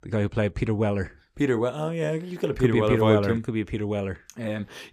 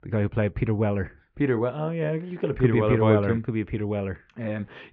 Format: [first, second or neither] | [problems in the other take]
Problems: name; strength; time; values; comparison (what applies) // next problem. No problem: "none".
first | muffled; very; fading above 3 kHz